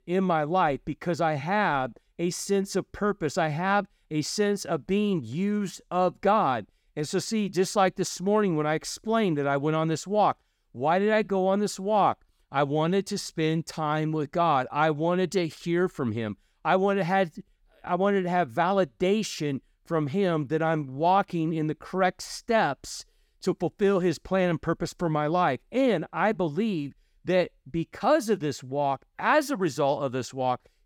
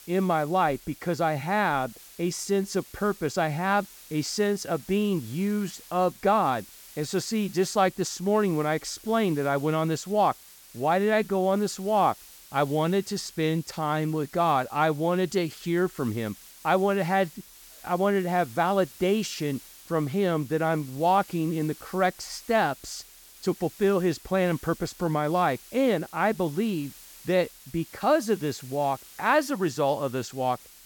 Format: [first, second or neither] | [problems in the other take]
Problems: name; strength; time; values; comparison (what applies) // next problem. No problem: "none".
first | hiss; noticeable; throughout; 20 dB below the speech